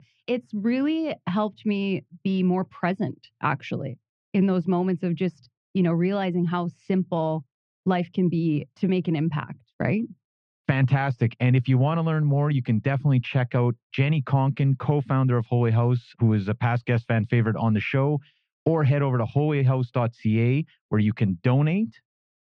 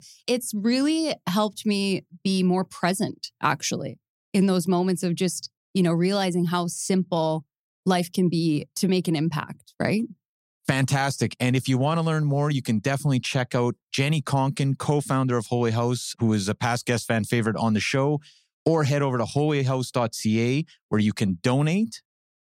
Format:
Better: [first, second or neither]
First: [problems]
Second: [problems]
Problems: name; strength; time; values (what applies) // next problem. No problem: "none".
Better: second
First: muffled; very; fading above 2.5 kHz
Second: none